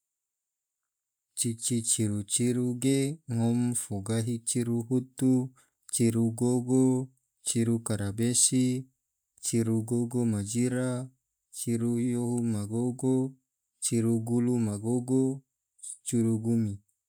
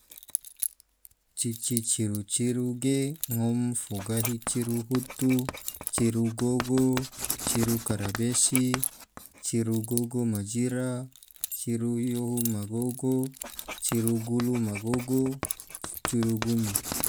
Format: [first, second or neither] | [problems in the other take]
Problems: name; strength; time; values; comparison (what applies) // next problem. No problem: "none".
first | background sound (Writing + Keys jangling); 9 dB below the speech